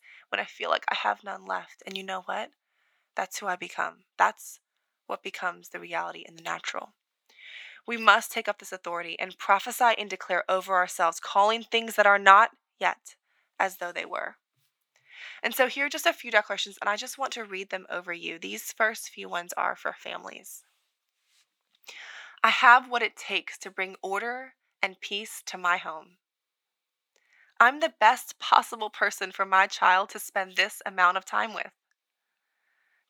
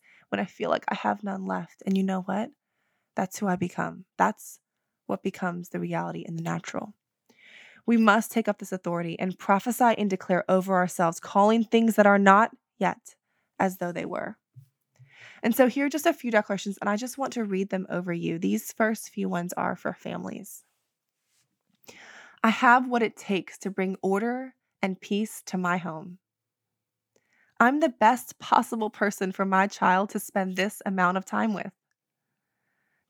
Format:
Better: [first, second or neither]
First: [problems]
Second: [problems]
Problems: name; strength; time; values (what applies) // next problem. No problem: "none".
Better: second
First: thin; very; fading below 600 Hz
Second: none